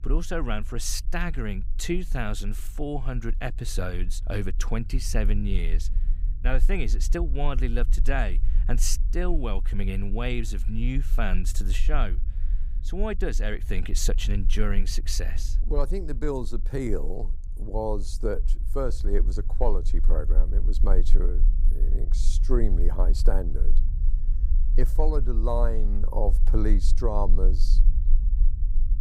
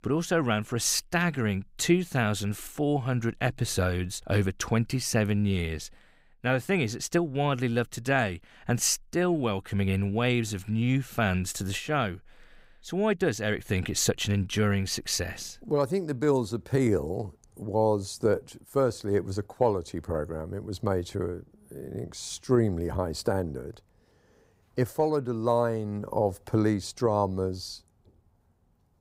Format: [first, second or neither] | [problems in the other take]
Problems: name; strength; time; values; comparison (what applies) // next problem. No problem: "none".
second | low rumble; noticeable; throughout; 20 dB below the speech